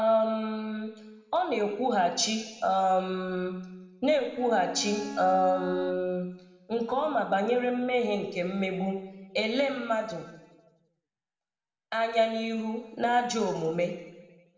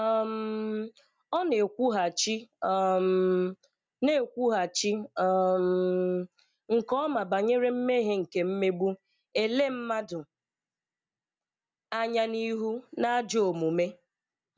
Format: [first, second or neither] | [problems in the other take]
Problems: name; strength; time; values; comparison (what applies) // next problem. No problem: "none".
second | background sound (Bowed string instrument); 11 dB below the speech // room echo; dies away in 1.1 s